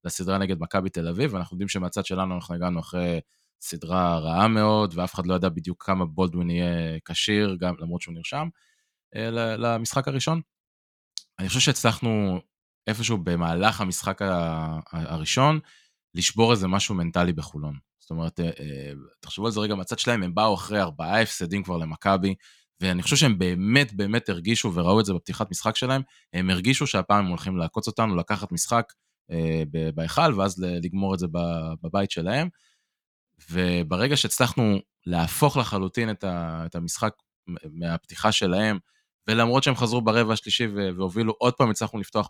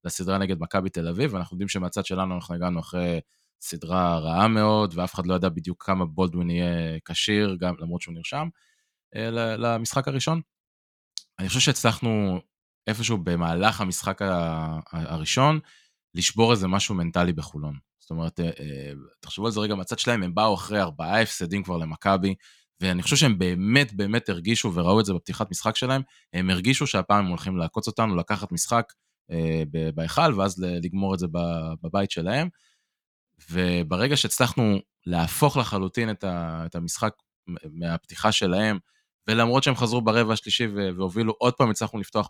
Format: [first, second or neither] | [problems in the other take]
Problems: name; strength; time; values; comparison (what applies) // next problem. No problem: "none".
neither | none